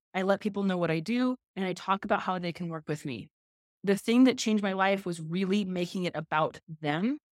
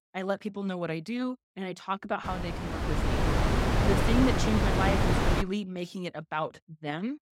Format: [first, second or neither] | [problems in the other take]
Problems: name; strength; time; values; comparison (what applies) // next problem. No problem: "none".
first | wind noise on the microphone; heavy; from 2 to 5.5 s; 4 dB above the speech